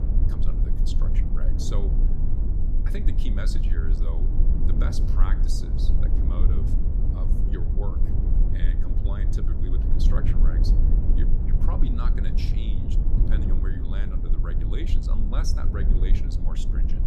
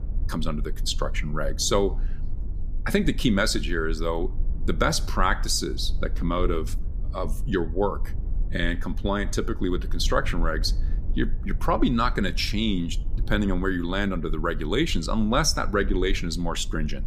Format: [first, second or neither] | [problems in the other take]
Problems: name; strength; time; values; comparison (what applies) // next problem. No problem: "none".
second | low rumble; loud; throughout; as loud as the speech; faint in the second